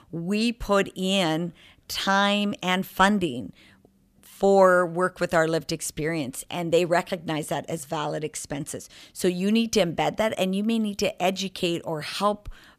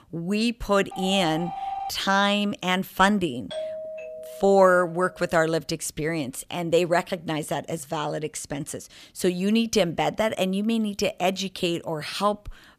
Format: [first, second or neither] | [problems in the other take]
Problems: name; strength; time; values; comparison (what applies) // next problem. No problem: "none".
first | phone ringing; noticeable; at 1 s; peak 7 dB below the speech // doorbell; noticeable; from 3.5 to 5 s; peak 8 dB below the speech